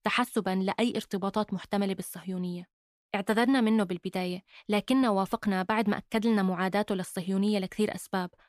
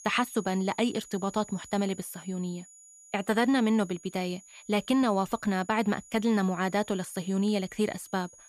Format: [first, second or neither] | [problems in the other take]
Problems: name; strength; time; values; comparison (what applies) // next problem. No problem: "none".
first | high-pitched whine; faint; throughout; 7 kHz, 20 dB below the speech